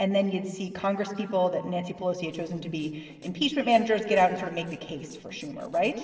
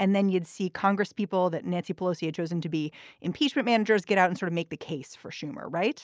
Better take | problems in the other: second | noise reduction (neural separator model SepFormer DNS4)

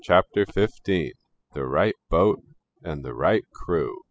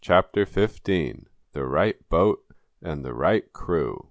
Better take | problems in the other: second | noise reduction (classical method spectral subtraction)

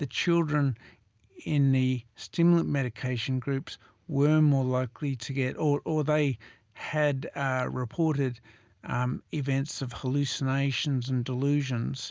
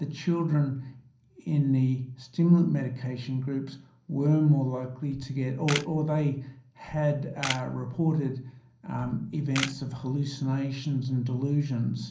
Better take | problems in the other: first | background sound (Camera); 10 dB below the speech // room echo; dies away in 0.6 s

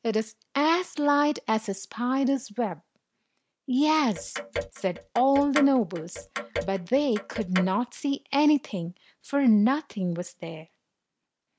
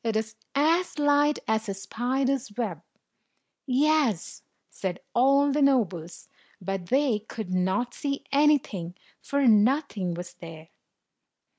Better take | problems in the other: second | background sound (Clock); 9 dB below the speech

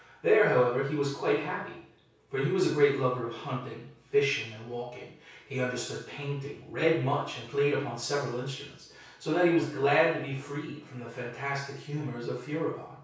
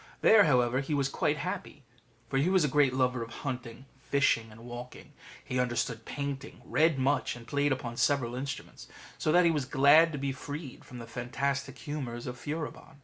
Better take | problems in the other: second | room echo; dies away in 0.6 s

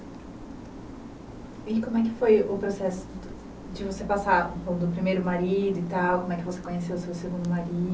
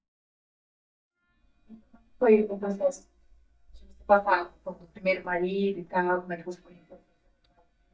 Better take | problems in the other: first | noise reduction (neural mask model DeepFilterNet 3)

